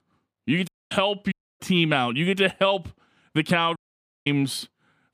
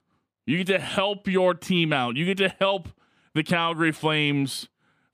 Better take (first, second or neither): second